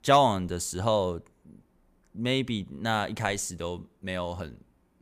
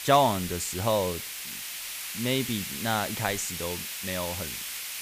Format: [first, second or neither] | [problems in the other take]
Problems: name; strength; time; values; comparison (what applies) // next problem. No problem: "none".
first | hiss; loud; throughout; 4 dB below the speech